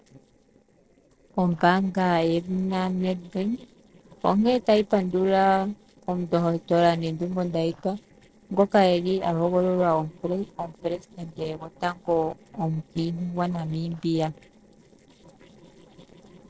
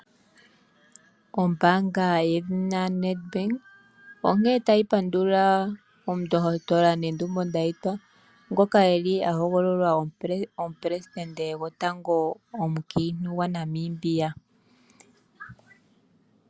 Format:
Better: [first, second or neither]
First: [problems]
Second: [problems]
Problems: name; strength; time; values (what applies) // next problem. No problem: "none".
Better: second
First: noise reduction (neural separator model SepFormer DNS4)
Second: none